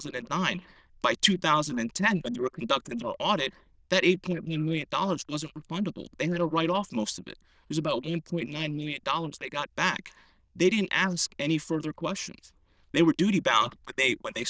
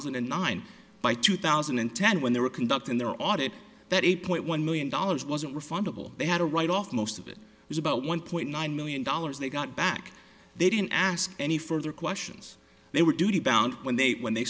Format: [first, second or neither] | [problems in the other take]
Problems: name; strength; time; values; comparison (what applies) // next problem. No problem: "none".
second | noise reduction (neural diffusion model UNIVERSE++)